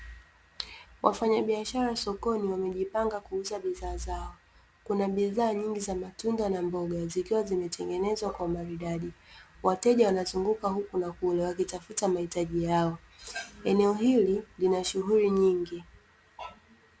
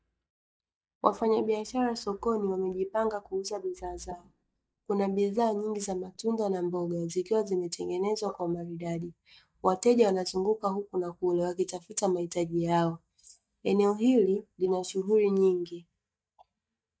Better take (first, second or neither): first